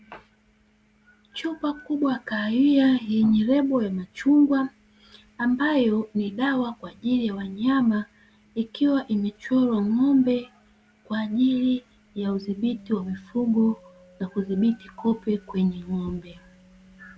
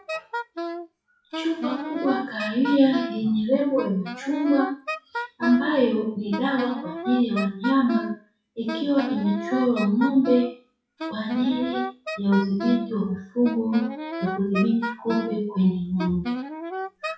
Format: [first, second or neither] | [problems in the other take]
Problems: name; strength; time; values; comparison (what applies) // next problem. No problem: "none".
first | noise reduction (classical method WPE with log-MMSE)